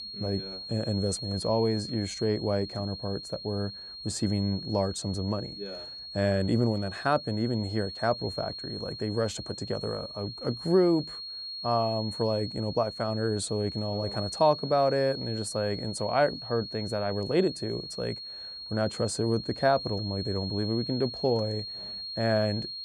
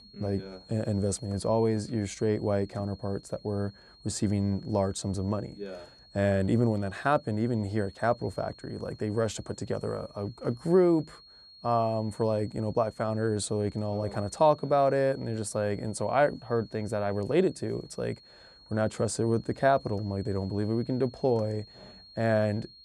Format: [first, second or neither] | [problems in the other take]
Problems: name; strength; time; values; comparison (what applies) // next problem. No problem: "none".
second | high-pitched whine; loud; throughout; 4.5 kHz, 8 dB below the speech; faint in the second